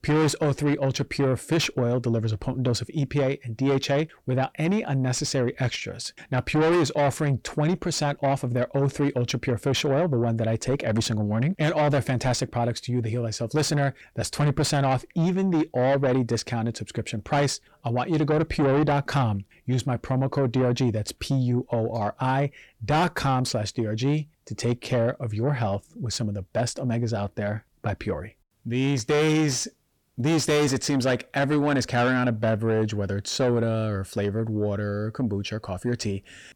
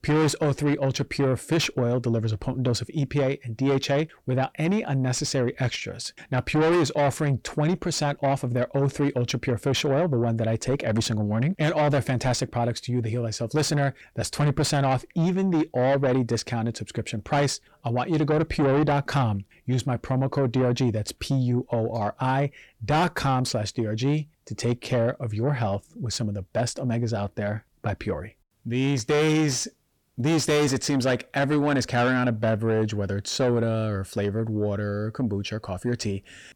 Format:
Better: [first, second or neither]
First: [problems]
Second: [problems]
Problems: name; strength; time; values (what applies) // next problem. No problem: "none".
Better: neither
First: distortion; heavy; 8 dB below the speech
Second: distortion; heavy; 8 dB below the speech